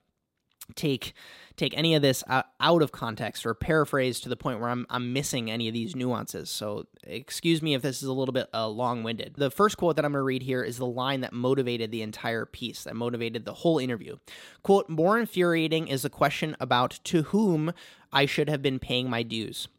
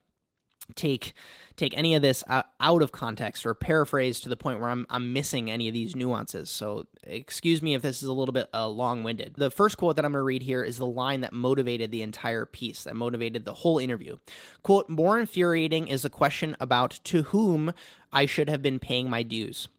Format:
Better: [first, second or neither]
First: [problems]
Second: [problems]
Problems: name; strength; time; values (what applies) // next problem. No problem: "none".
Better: first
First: none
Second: garbled, watery; slightly; nothing above 16 kHz